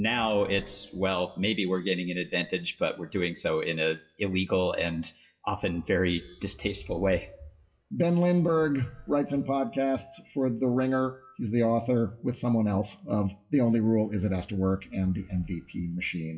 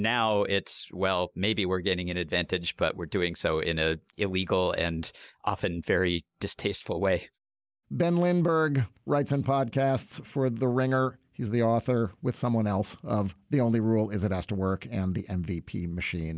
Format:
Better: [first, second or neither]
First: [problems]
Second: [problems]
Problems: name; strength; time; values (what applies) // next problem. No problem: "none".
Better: second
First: noise reduction (classical method WPE with log-MMSE)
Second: none